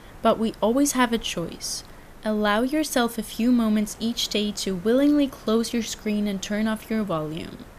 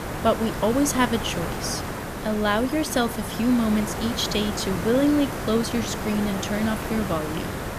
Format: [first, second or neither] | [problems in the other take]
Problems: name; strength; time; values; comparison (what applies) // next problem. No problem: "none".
first | hiss; loud; throughout; 6 dB below the speech; faint in the first